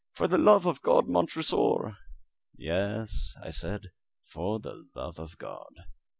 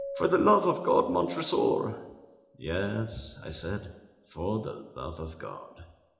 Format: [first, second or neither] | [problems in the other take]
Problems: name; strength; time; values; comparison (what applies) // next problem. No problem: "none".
first | background sound (Keyboard (musical)); 16 dB below the speech // room echo; dies away in 0.8 s